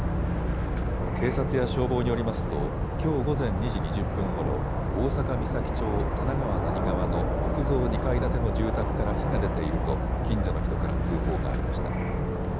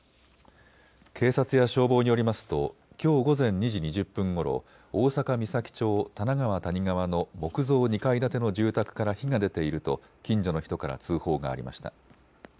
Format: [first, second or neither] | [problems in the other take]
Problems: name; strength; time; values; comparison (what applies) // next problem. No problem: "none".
second | background sound (Insect / Frog); 4 dB above the speech